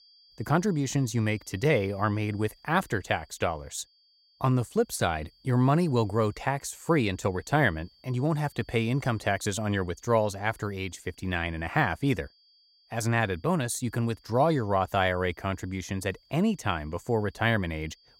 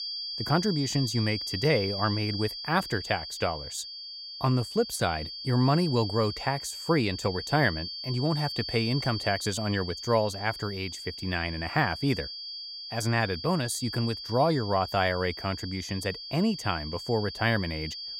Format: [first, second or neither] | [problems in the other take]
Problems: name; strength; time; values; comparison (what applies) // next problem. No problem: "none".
first | high-pitched whine; loud; throughout; 4.5 kHz, 7 dB below the speech; faint in the first